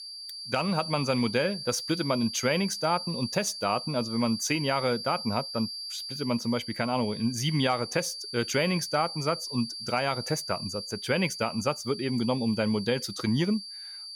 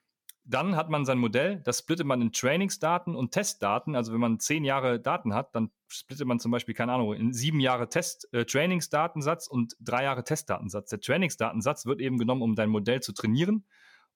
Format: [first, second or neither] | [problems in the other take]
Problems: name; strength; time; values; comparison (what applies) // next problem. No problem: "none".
second | high-pitched whine; loud; throughout; 4.5 kHz, 7 dB below the speech